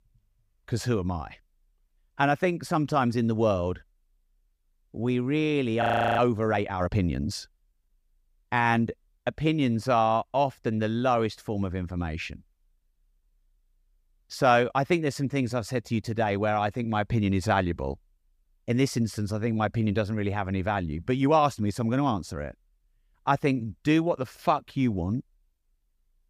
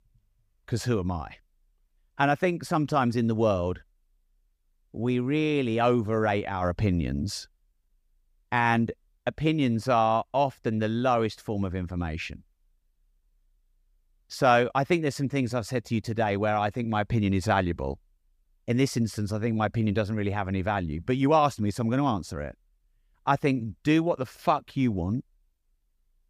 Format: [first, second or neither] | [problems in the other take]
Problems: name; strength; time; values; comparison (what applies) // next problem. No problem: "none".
second | audio freezing; at 6 s